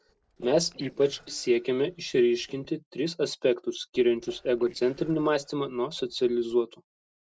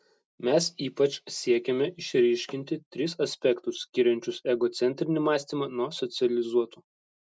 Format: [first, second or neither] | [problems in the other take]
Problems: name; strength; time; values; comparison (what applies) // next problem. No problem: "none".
second | noise reduction (neural separator model SepFormer DNS4)